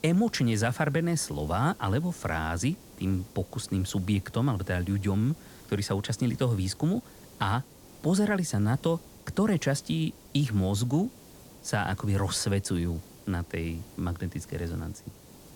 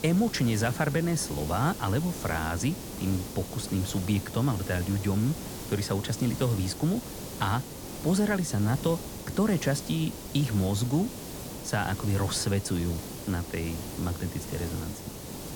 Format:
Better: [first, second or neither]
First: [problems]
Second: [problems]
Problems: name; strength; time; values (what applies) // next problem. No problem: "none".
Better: first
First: hiss; faint; throughout; 20 dB below the speech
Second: hiss; loud; throughout; 9 dB below the speech